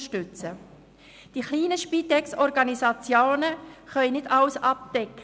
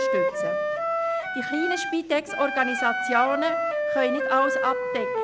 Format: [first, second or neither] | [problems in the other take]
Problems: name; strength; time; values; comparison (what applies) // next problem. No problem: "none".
first | background sound (Wind instrument, woodwind instrument); 1 dB above the speech